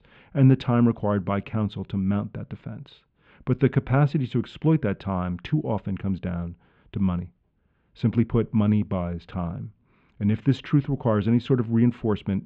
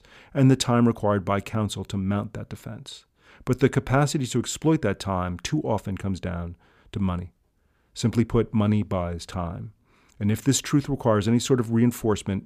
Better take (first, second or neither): second